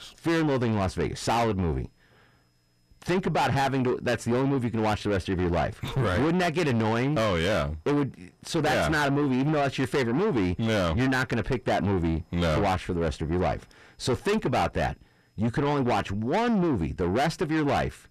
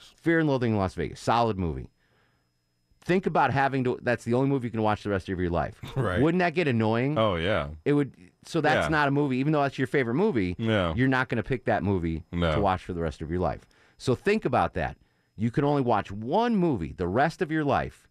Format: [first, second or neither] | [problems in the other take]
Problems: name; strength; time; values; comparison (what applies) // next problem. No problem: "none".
second | distortion; heavy; 6 dB below the speech